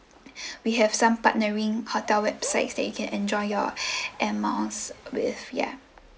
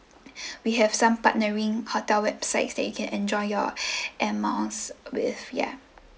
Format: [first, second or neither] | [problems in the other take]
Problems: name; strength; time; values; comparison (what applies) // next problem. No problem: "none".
second | background sound (Bird); 17 dB below the speech